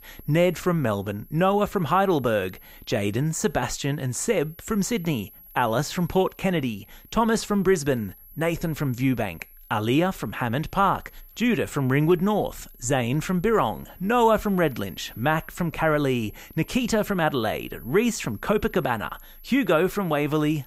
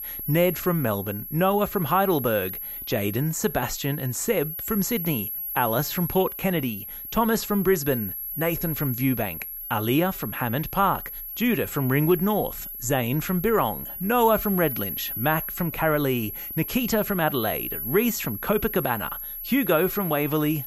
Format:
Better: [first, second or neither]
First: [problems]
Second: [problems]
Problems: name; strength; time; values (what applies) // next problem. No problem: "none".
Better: first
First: high-pitched whine; faint; throughout; 11.5 kHz, 25 dB below the speech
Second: high-pitched whine; loud; throughout; 11.5 kHz, 6 dB below the speech